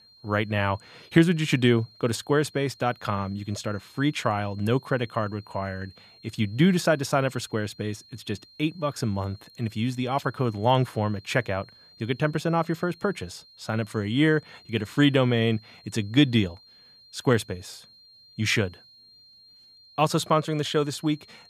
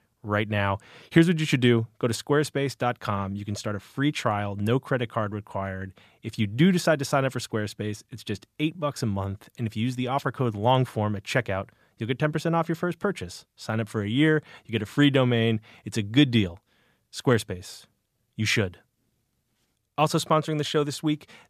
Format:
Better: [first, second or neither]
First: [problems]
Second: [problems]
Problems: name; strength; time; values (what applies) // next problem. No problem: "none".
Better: second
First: high-pitched whine; faint; throughout; 4 kHz, 25 dB below the speech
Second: none